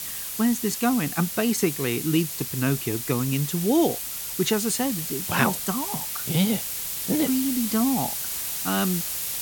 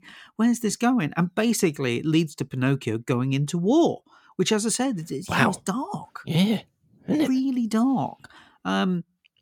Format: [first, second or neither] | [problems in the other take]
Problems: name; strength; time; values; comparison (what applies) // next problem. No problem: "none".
second | hiss; loud; throughout; 3 dB below the speech